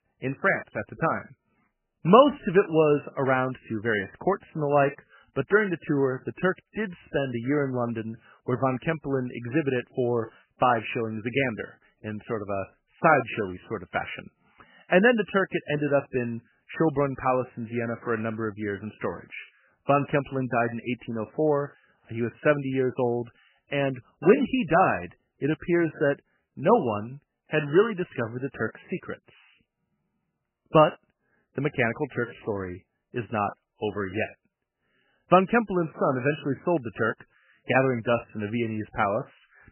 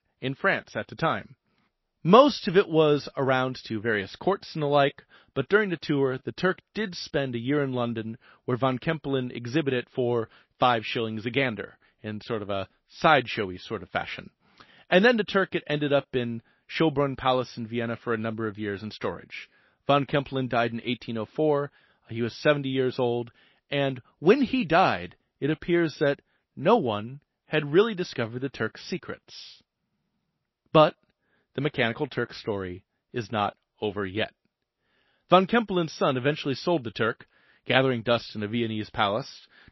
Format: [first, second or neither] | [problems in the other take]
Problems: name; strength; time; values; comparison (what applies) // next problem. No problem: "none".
second | garbled, watery; badly; nothing above 3 kHz; slightly in the second